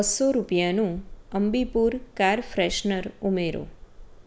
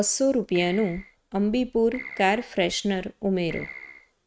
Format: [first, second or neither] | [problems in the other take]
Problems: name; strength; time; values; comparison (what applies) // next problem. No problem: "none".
first | noise reduction (neural mask model RNNoise)